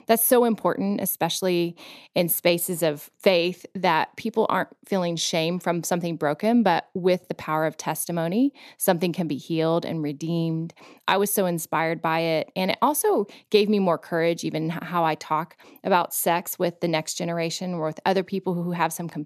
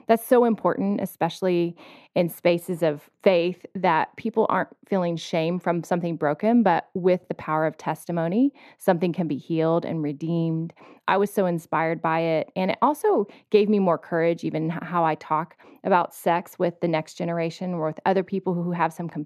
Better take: first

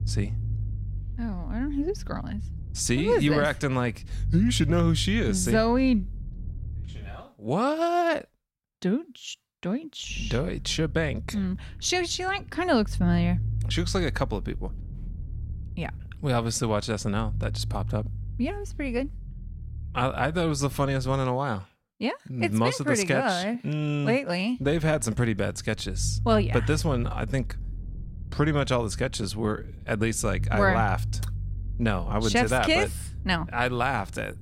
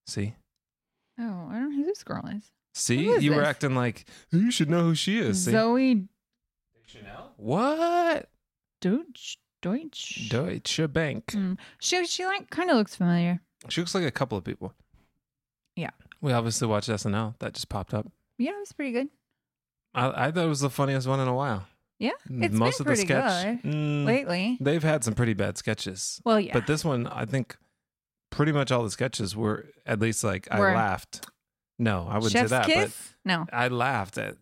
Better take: second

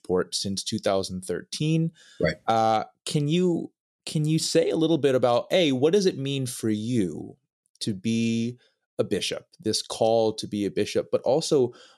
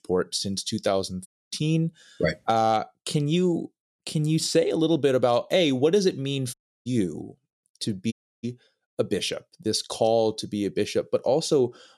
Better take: first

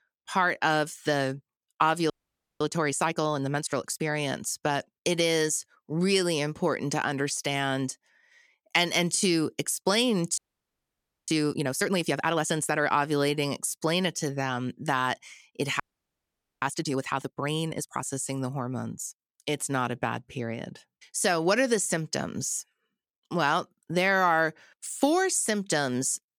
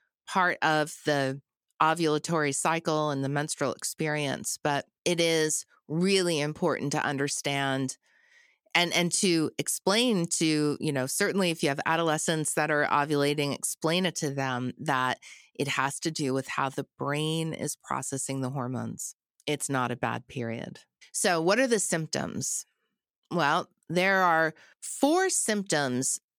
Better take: second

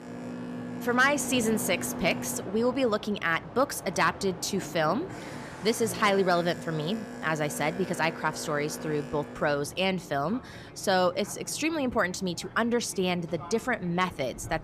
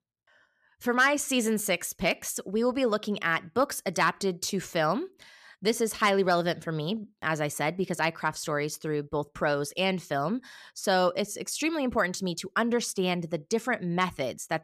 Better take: second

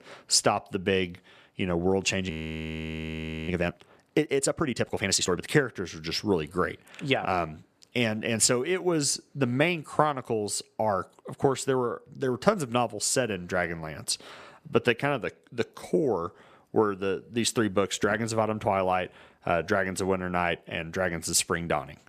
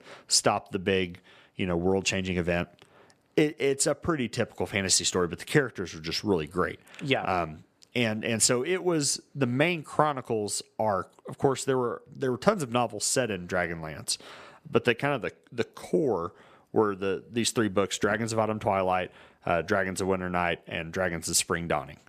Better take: second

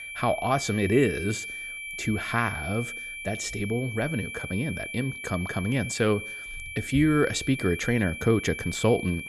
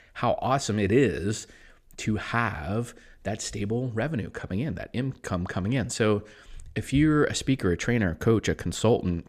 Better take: second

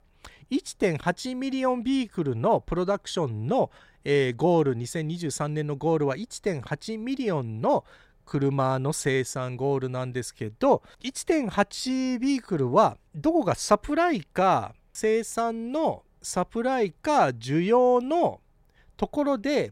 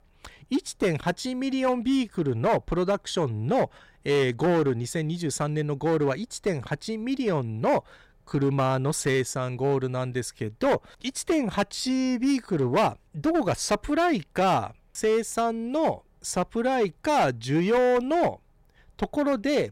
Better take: first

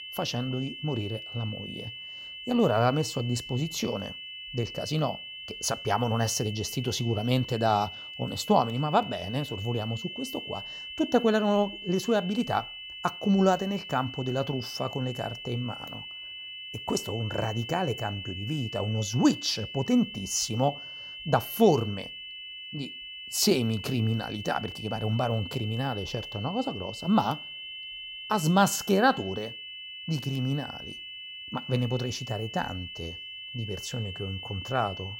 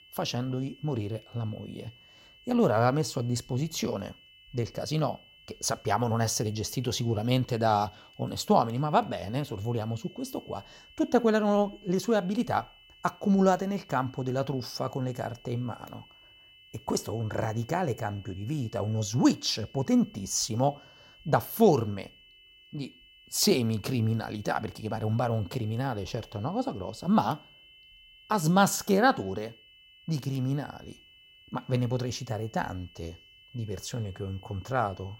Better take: second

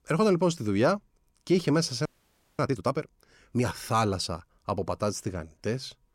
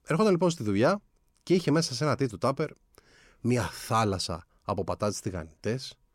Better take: second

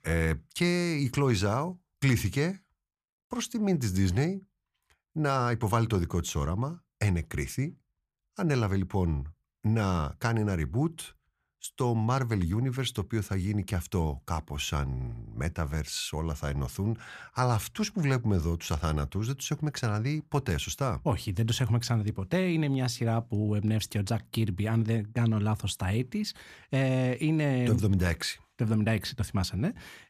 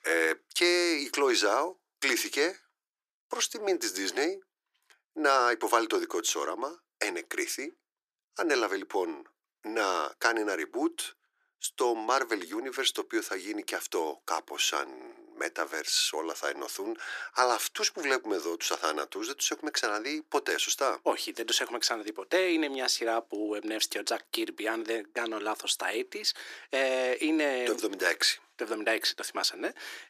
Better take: first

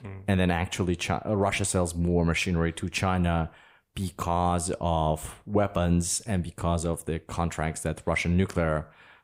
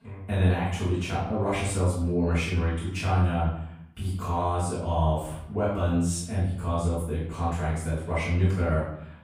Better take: first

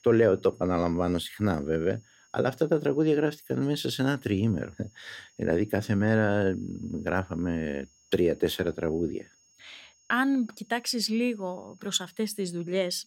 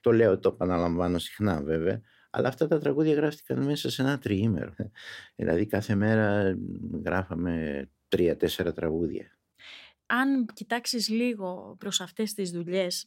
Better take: second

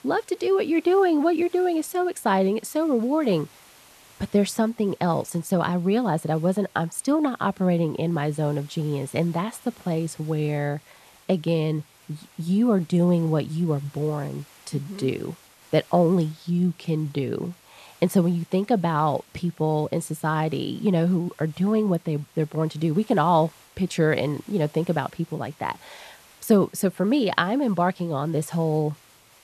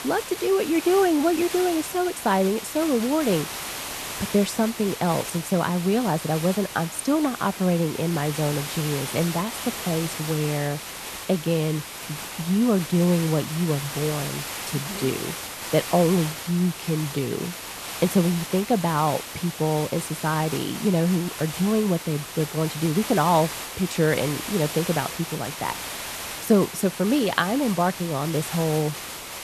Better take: first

